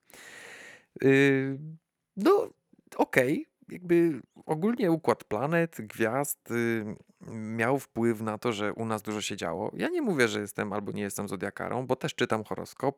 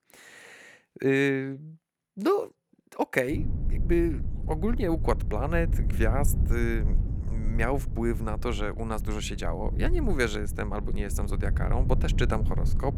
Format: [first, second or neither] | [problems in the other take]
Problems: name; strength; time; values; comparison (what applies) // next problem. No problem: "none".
first | low rumble; noticeable; from 3.5 s on; 15 dB below the speech